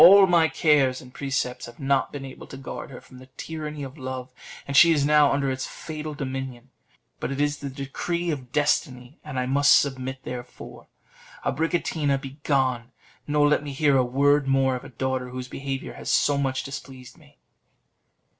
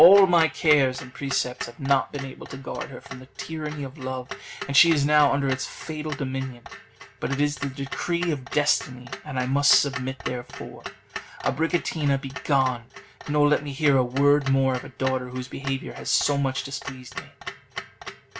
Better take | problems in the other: first | background sound (Clock); 14 dB below the speech

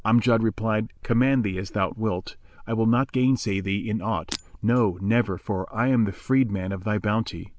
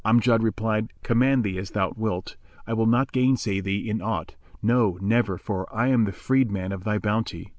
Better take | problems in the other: second | background sound (Shatter); 16 dB below the speech

